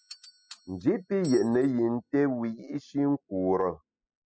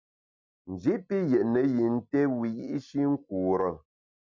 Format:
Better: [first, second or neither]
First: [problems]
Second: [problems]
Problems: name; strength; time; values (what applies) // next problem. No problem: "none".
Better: second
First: noise reduction (classical method spectral subtraction)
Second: none